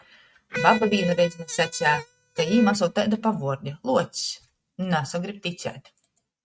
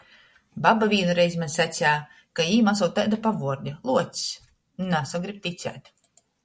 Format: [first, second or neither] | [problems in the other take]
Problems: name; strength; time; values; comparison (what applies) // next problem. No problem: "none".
second | noise reduction (neural mask model RNNoise)